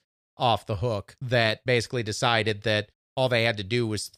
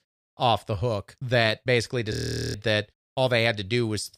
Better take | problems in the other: first | audio freezing; at 2 s

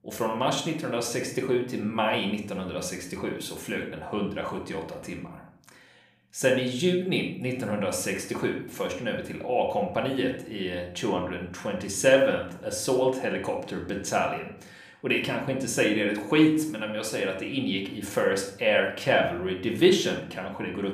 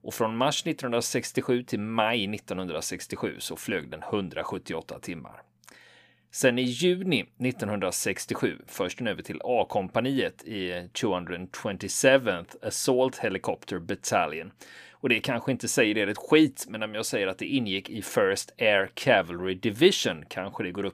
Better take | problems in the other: second | room echo; slight; dies away in 0.5 s // off-mic speech; somewhat distant

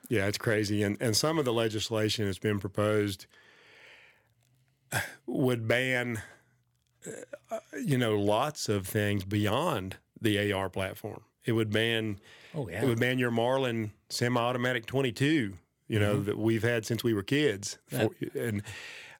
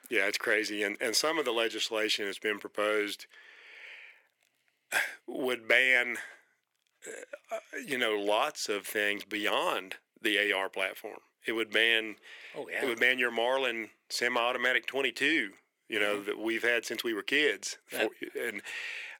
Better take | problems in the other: first | thin; very; fading below 350 Hz

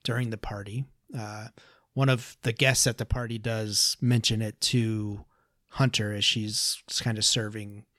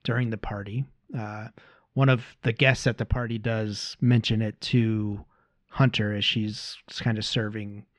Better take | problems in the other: first | muffled; slightly; fading above 2.5 kHz

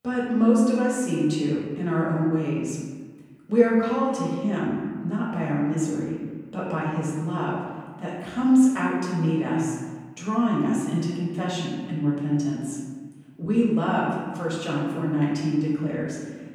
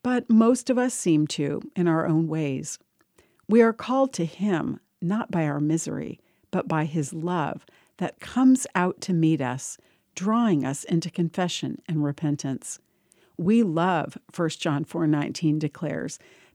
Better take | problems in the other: second | room echo; noticeable; dies away in 1.4 s // off-mic speech; far

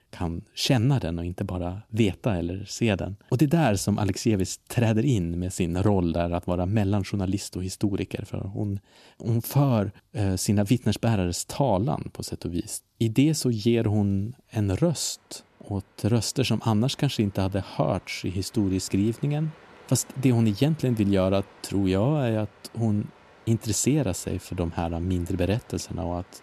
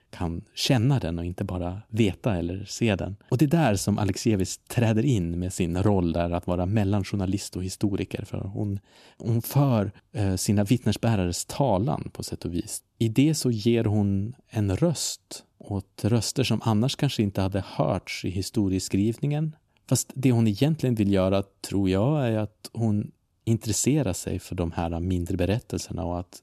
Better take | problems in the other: second | rain or running water; faint; throughout; 25 dB below the speech

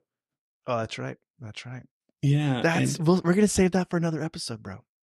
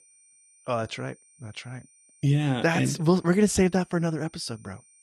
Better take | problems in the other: first | high-pitched whine; faint; throughout; 8.5 kHz, 30 dB below the speech

